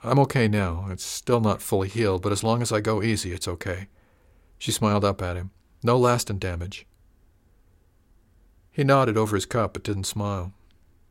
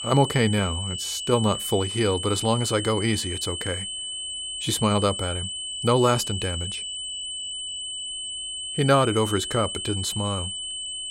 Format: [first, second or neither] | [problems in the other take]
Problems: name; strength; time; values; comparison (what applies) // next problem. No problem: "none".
first | high-pitched whine; loud; throughout; 3 kHz, 5 dB below the speech